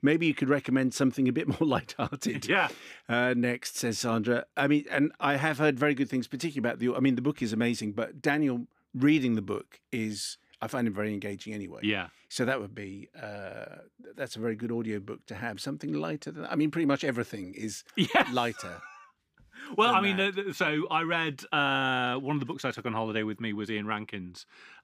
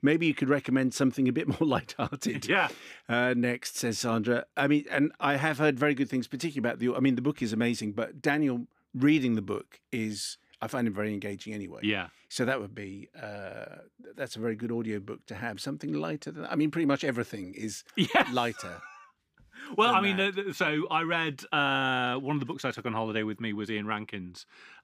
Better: neither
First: none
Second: none

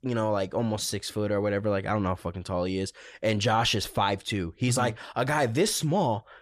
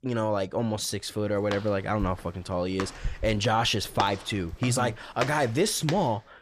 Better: first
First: none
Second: footsteps; noticeable; from 1.5 s on; peak 7 dB below the speech

